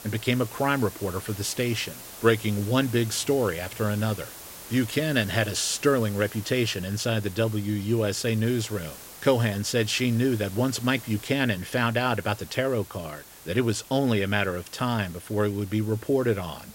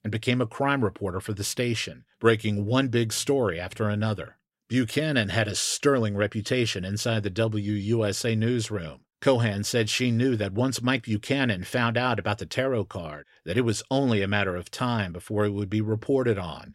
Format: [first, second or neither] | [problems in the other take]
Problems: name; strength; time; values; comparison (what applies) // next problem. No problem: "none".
second | hiss; noticeable; throughout; 15 dB below the speech